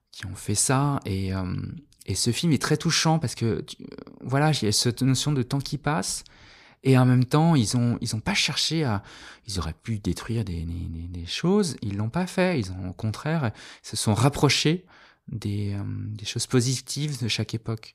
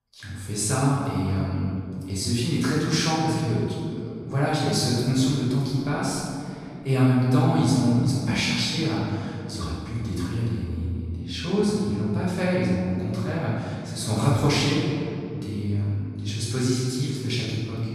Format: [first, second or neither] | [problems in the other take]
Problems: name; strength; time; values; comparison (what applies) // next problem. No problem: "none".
first | room echo; strong; dies away in 2.4 s // off-mic speech; far